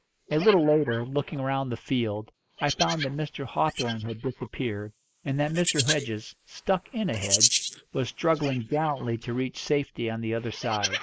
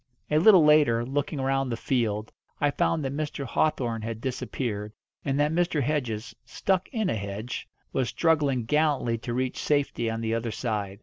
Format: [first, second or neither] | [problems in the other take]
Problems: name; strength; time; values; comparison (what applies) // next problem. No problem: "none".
second | noise reduction (neural mask model Resemble Enhance denoiser)